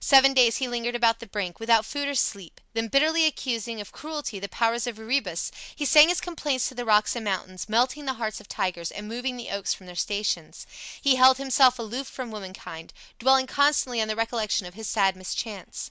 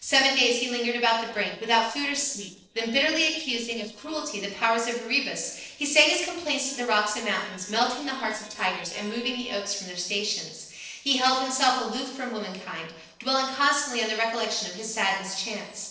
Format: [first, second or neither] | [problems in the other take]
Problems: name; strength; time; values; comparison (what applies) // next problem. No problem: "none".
first | noise reduction (neural separator model SepFormer DNS4)